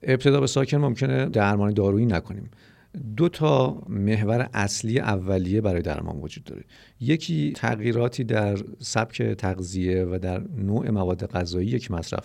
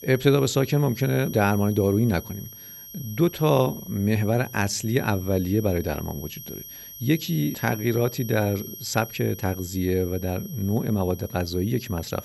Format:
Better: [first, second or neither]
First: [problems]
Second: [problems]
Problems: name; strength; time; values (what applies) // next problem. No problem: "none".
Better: first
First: none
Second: high-pitched whine; noticeable; throughout; 11.5 kHz, 15 dB below the speech